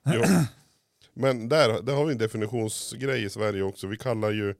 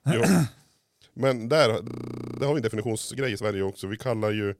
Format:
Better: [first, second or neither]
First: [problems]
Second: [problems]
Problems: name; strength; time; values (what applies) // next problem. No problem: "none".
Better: first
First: none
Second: audio freezing; at 2 s for 0.5 s